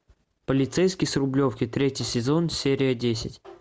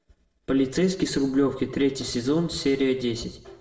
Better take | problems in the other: first | room echo; dies away in 0.6 s

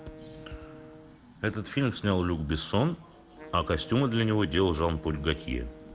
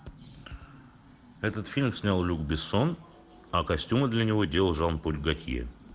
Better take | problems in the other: second | background sound (Wind instrument, woodwind instrument); 19 dB below the speech

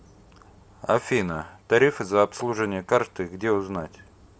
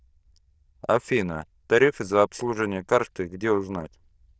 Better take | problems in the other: first | noise reduction (neural diffusion model UNIVERSE++)

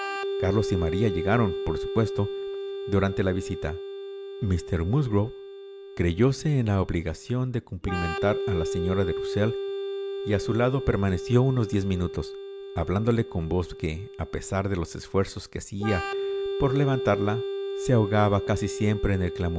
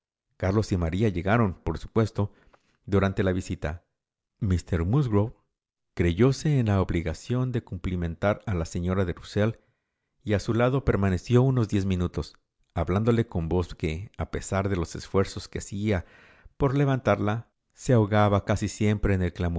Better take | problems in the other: second | background sound (Organ); 6 dB below the speech

